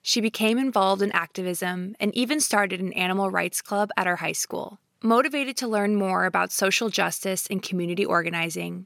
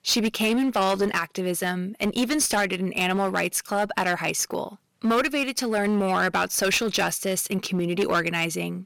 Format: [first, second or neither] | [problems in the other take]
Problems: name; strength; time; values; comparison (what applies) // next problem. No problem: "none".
first | distortion; slight; 8% of the sound clipped